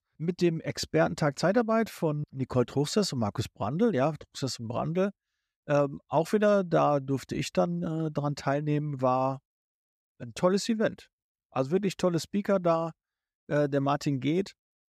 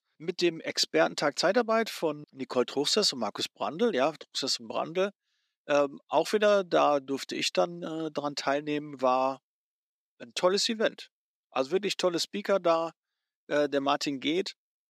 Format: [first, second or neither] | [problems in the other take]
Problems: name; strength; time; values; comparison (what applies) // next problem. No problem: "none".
first | thin; very slightly; fading below 250 Hz